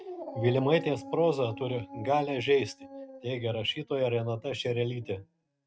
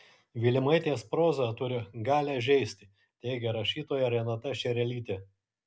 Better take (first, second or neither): second